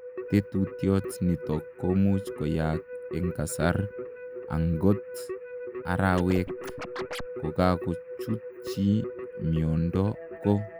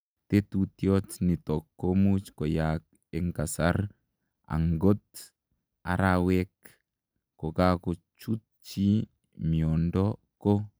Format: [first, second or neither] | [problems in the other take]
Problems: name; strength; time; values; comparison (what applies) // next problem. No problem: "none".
second | background sound (Keyboard (musical) + Scratching (performance technique)); 9 dB below the speech